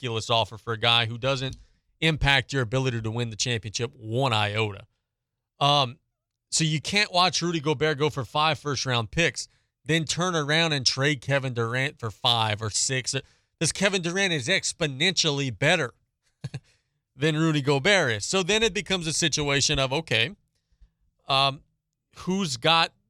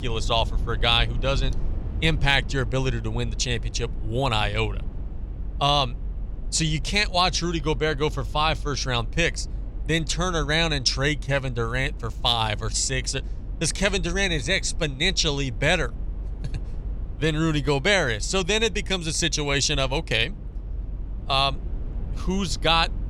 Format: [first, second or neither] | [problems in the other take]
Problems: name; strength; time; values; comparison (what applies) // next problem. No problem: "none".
first | low rumble; faint; throughout; 25 dB below the speech